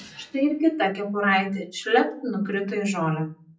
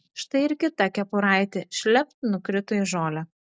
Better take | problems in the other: second | noise reduction (classical method WPE with log-MMSE)

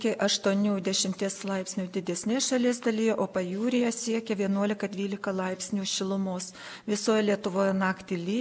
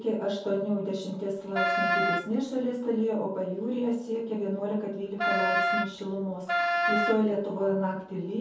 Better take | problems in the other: first | background sound (Wind instrument, woodwind instrument); 1 dB above the speech // room echo; dies away in 0.6 s

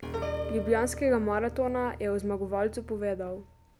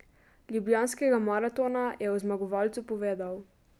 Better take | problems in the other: second | background sound (Piano); 9 dB below the speech

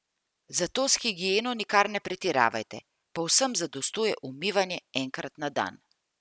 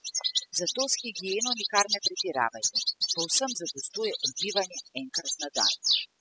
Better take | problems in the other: first | noise reduction (classical method spectral subtraction)

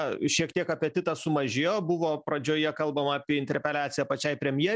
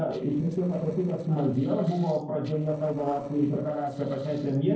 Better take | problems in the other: first | noise reduction (neural separator model SepFormer DNS4)

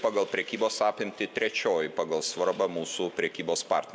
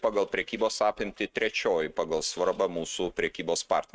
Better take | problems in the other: first | noise reduction (neural mask model RNNoise)

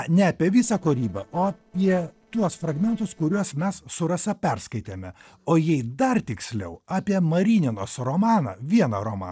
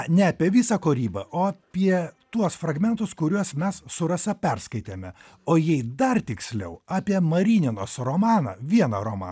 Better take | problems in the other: second | noise reduction (neural separator model SepFormer DNS4)

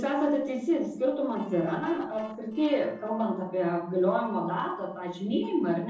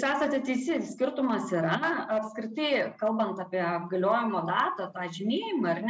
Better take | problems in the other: second | noise reduction (neural separator model SepFormer DNS4)

